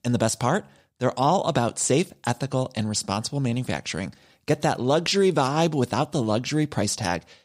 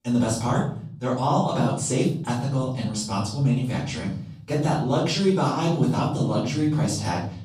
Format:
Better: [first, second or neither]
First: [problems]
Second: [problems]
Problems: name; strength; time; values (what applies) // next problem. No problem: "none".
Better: first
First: none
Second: off-mic speech; far // room echo; noticeable; dies away in 0.9 s